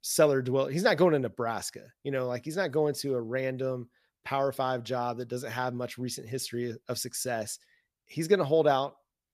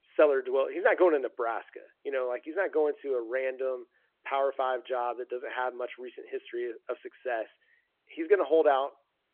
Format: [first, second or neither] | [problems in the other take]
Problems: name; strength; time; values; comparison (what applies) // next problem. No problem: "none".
first | phone-call audio